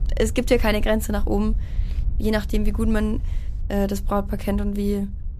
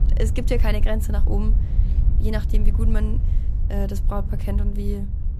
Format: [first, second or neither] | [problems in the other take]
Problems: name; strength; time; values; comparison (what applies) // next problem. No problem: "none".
first | wind noise on the microphone; heavy; 10 dB below the speech; occasional gusts in the first